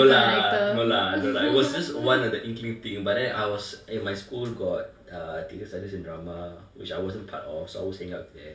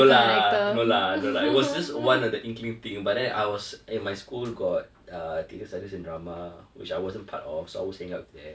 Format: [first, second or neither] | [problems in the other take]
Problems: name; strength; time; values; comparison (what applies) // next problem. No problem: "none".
second | room echo; dies away in 1.3 s